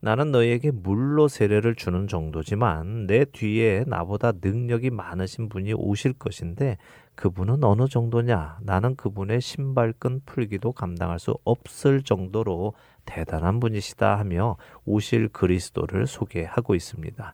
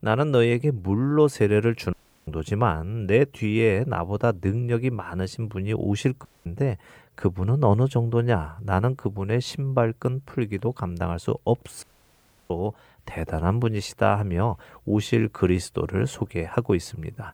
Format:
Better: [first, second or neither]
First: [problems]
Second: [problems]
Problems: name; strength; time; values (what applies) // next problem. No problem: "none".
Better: first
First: none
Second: audio cutting out; at 2 s, at 6.5 s and at 12 s for 0.5 s